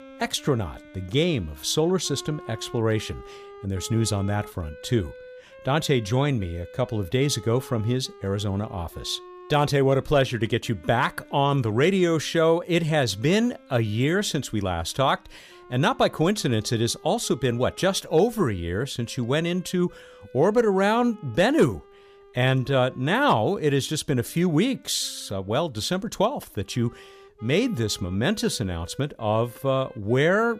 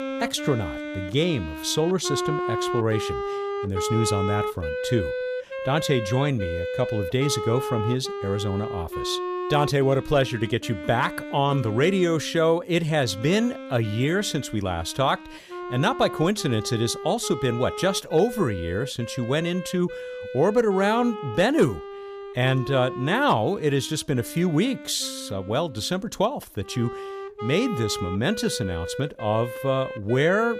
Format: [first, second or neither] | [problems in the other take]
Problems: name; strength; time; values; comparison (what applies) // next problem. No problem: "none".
first | background music; loud; throughout; 8 dB below the speech; faint in the first